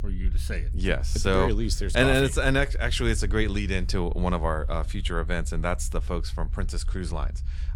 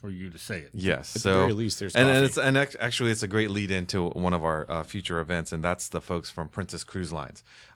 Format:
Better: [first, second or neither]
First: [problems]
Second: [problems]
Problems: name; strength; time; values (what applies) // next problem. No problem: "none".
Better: second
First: low rumble; faint; throughout; 25 dB below the speech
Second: none